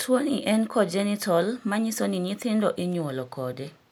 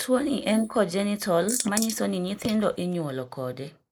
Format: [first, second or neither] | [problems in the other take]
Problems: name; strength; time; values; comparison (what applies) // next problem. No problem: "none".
first | noise reduction (neural mask model Resemble Enhance denoiser)